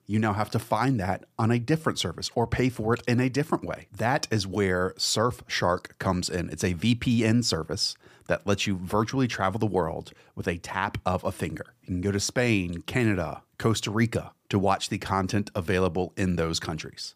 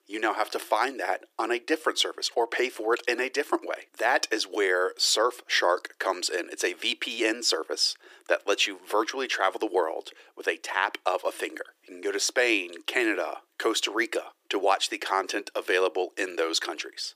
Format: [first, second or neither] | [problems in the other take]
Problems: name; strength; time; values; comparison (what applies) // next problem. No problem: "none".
first | thin; very; fading below 350 Hz